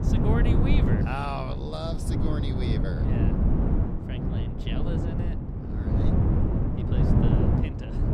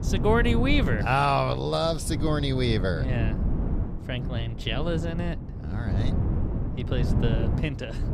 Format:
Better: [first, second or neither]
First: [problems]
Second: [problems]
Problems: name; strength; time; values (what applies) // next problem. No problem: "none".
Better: second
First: wind noise on the microphone; heavy; 2 dB above the speech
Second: wind noise on the microphone; occasional gusts; 10 dB below the speech